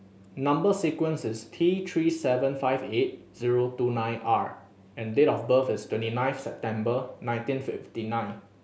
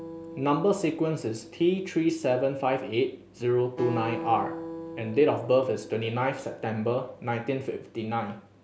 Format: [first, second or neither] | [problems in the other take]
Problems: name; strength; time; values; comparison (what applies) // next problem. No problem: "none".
first | background sound (Acoustic guitar); 14 dB below the speech